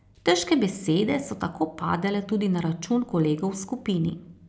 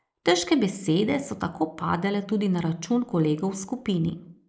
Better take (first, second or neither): first